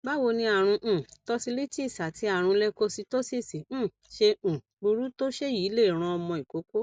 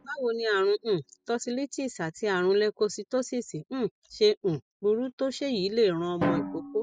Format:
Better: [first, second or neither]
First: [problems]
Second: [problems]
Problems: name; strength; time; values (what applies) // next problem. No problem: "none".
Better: first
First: none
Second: noise reduction (classical method spectral subtraction)